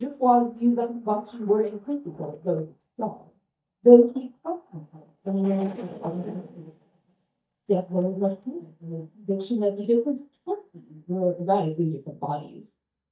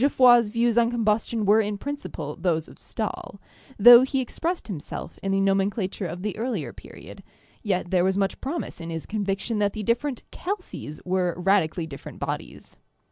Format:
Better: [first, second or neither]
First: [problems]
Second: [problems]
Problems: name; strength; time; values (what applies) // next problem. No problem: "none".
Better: second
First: noise reduction (neural mask model DeepFilterNet 3)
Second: none